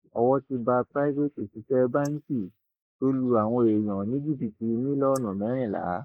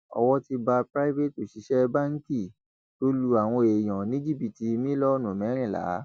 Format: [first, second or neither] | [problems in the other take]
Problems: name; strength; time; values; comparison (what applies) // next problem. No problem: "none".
second | noise reduction (neural mask model Resemble Enhance denoiser)